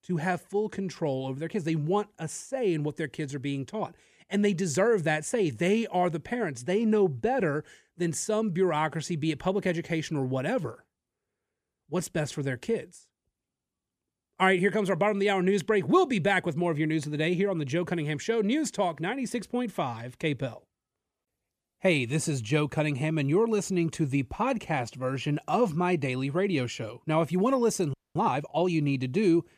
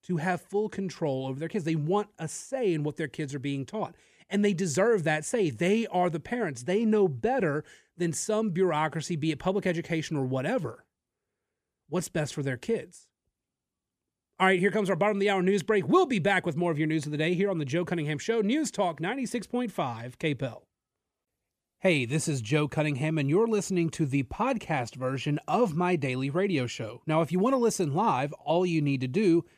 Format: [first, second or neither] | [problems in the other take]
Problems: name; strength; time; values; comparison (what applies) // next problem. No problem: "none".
second | audio freezing; at 28 s